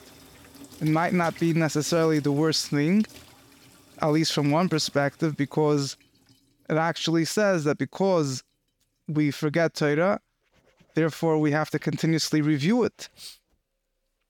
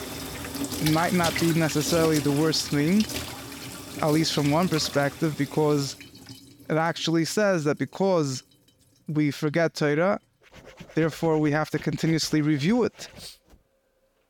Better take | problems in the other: first | household noises; loud; throughout; 9 dB below the speech; faint in the first

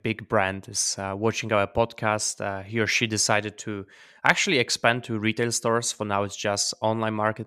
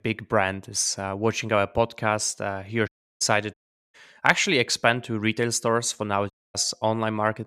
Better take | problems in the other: first | audio cutting out; at 3 s, at 3.5 s and at 6.5 s

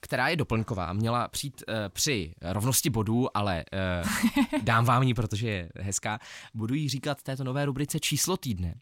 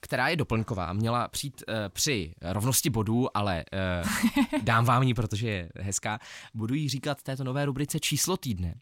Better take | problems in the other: neither | none

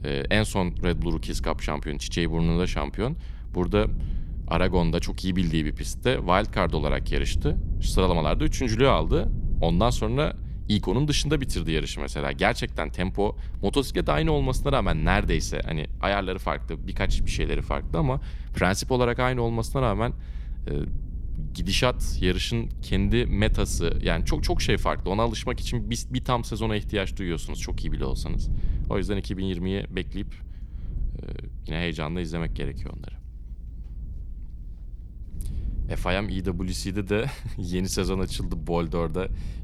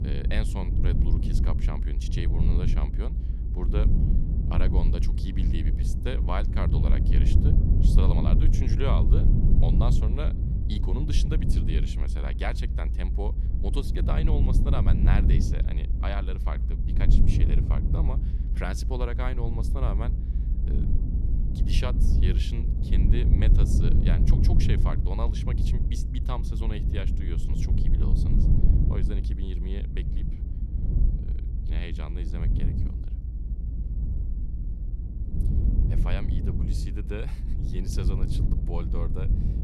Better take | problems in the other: first | low rumble; loud; throughout; 2 dB below the speech; faint in the first

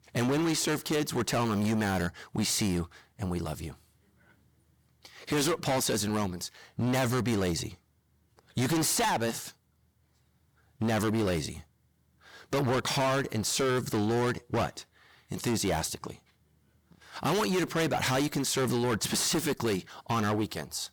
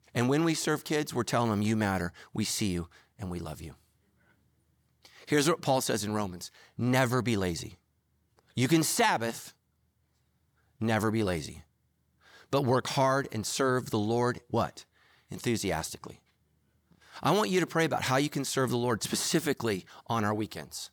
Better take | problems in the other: second | distortion; heavy; 15% of the sound clipped

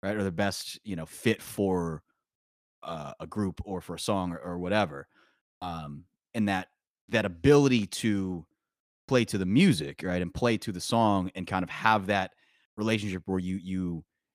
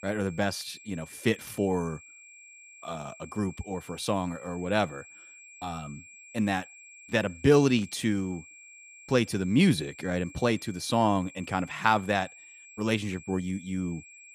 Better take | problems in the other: first | high-pitched whine; noticeable; throughout; 2.5 kHz, 20 dB below the speech

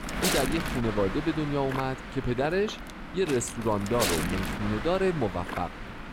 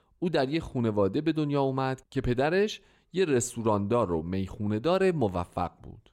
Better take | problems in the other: second | wind noise on the microphone; heavy; 3 dB below the speech

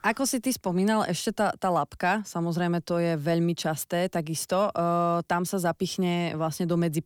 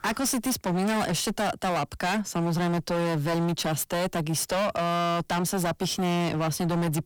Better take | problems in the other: first | distortion; heavy; 34% of the sound clipped

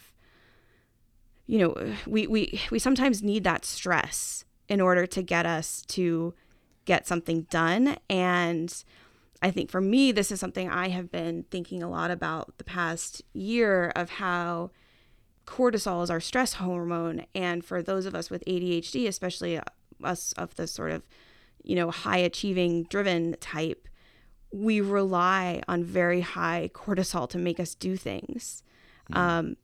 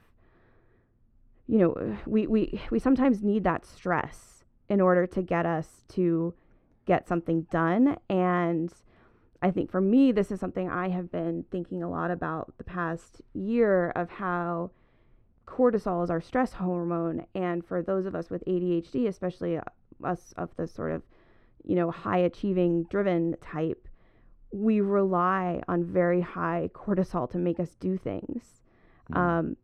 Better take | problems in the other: first | muffled; very; fading above 2.5 kHz

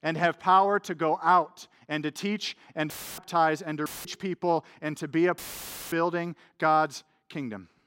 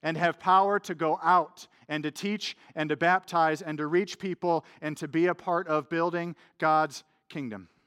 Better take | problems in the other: second | audio cutting out; filled with static; at 3 s, at 4 s and at 5.5 s for 0.5 s

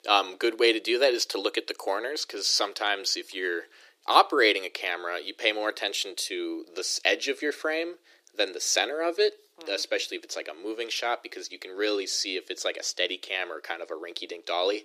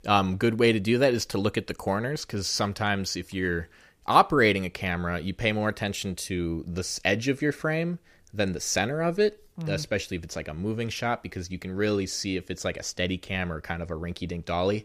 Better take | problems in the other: second | thin; very; fading below 300 Hz

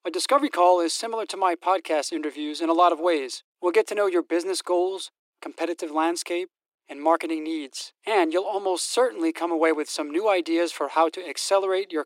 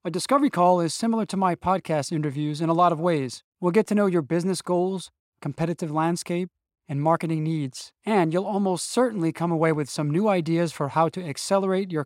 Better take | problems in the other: second | thin; very; fading below 300 Hz

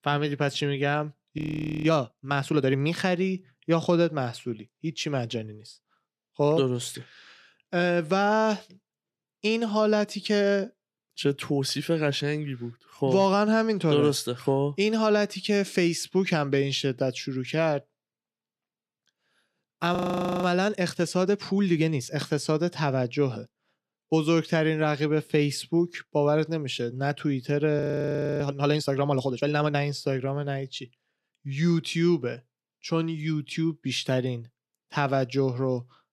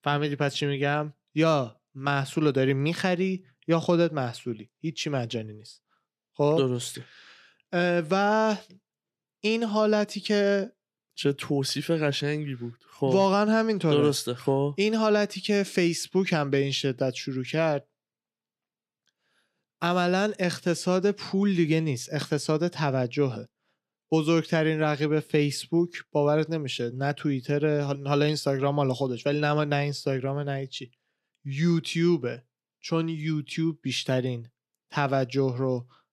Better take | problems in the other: second | audio freezing; at 1.5 s, at 20 s and at 28 s for 0.5 s

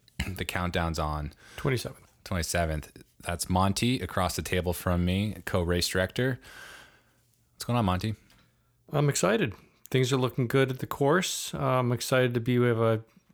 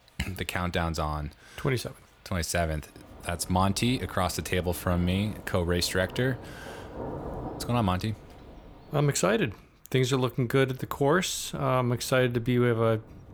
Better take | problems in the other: first | rain or running water; noticeable; throughout; 15 dB below the speech

